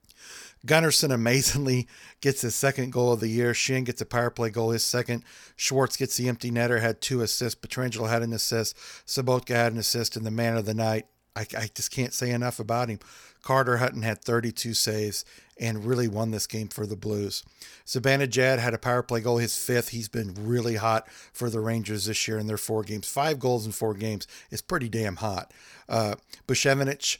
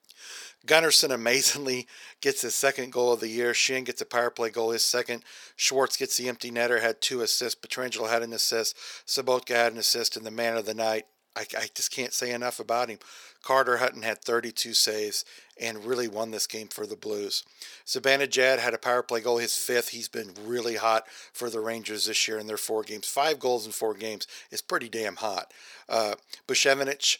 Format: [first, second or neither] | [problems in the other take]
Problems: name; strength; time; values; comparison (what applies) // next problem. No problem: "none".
first | thin; somewhat; fading below 450 Hz